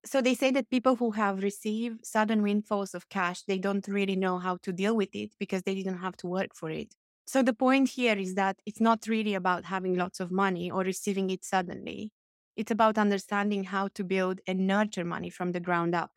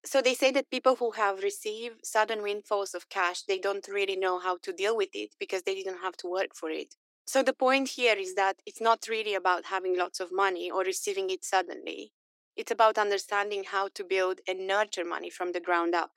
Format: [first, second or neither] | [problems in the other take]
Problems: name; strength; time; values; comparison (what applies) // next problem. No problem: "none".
first | thin; very; fading below 300 Hz